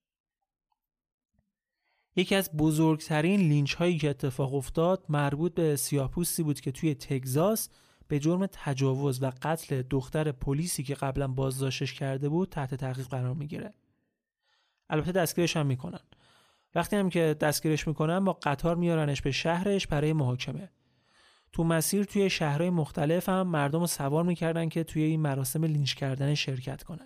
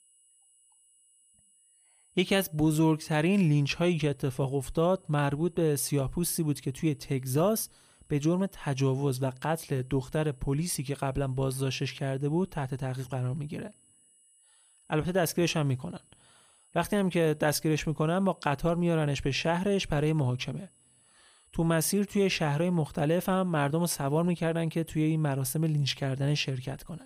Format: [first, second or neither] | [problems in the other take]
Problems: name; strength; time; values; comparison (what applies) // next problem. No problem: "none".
first | high-pitched whine; faint; throughout; 10.5 kHz, 30 dB below the speech